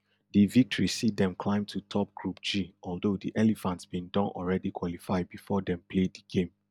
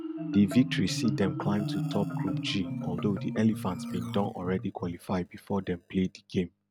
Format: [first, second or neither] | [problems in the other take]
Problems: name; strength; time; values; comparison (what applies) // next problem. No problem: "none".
first | background sound (Marimba, xylophone); 5 dB below the speech